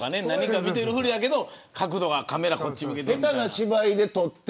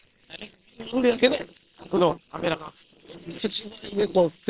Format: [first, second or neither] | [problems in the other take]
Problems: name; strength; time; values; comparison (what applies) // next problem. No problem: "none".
first | noise reduction (neural separator model SepFormer WHAM!)